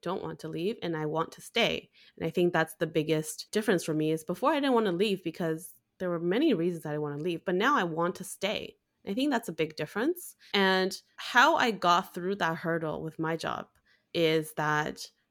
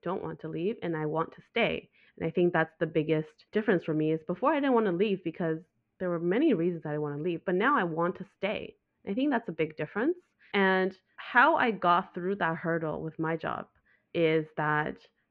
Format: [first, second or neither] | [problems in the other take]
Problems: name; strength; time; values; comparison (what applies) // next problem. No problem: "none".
first | muffled; very; fading above 2.5 kHz